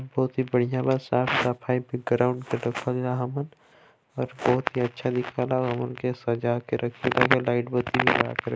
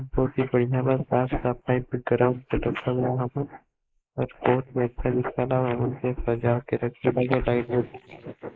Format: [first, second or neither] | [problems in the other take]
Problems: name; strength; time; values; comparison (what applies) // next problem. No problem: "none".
first | noise reduction (neural mask model Resemble Enhance denoiser)